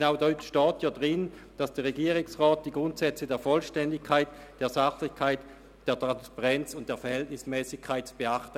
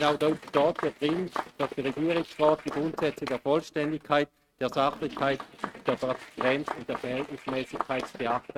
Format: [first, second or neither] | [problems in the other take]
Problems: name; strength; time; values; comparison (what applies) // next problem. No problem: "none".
first | noise reduction (neural mask model RNNoise)